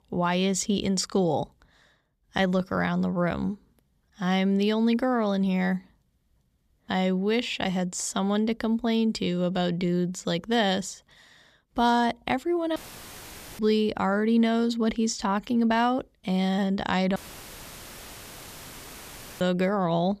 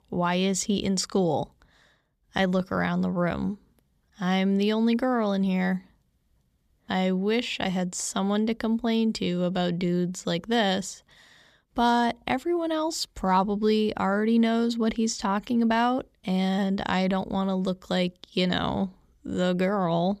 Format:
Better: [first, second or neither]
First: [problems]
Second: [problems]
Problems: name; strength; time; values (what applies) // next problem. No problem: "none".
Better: second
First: audio cutting out; filled with static; at 13 s for 1 s and at 17 s for 2.5 s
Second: none